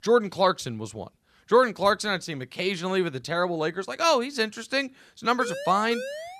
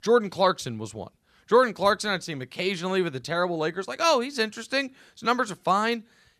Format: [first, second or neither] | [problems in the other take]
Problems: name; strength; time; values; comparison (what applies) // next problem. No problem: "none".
second | siren; noticeable; at 5.5 s; peak 8 dB below the speech